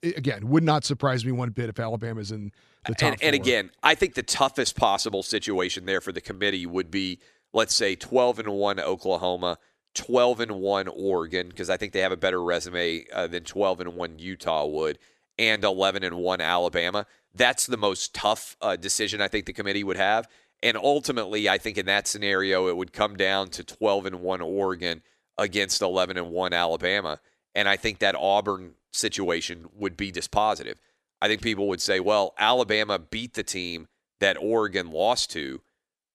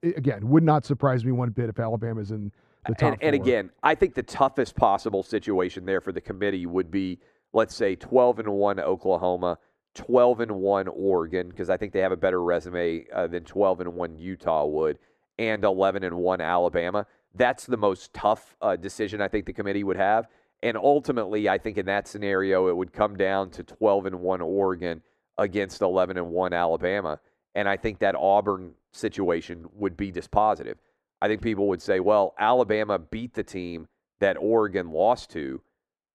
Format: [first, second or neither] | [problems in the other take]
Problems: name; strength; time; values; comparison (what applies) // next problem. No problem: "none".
first | muffled; very; fading above 2 kHz